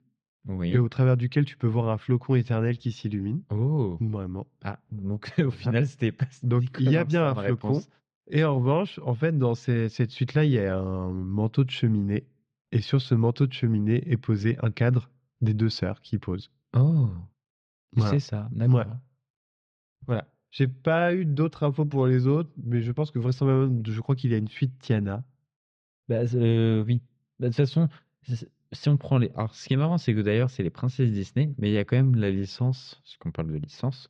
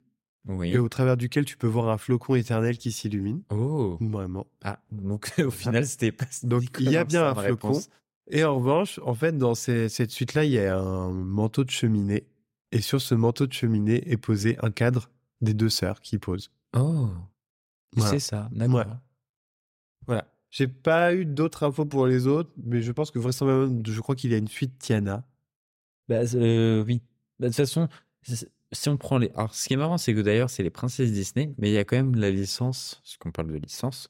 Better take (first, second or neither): second